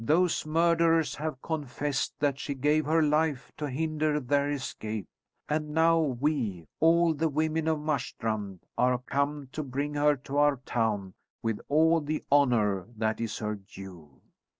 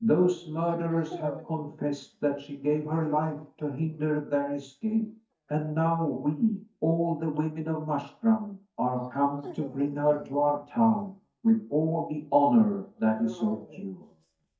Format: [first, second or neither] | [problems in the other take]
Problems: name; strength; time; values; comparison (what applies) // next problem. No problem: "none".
first | noise reduction (neural mask model DeepFilterNet 3)